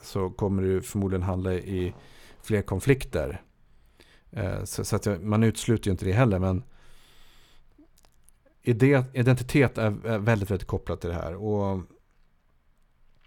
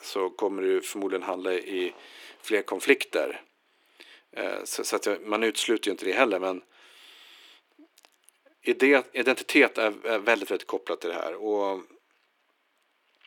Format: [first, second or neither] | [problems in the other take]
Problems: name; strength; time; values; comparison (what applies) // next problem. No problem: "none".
first | thin; somewhat; fading below 300 Hz